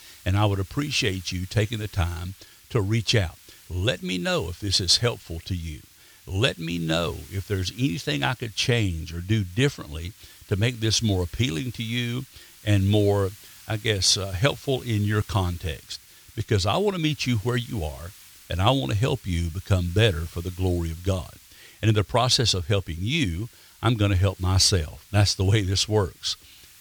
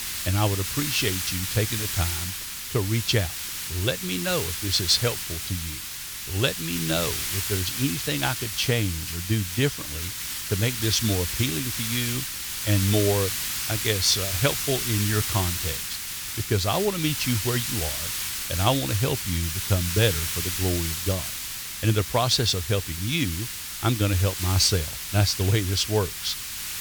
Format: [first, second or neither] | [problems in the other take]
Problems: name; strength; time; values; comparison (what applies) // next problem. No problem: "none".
first | hiss; loud; throughout; 3 dB below the speech; faint in the first